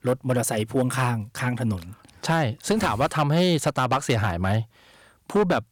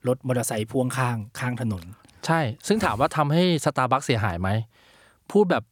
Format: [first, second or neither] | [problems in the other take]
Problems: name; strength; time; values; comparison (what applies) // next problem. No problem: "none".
second | distortion; slight; 7% of the sound clipped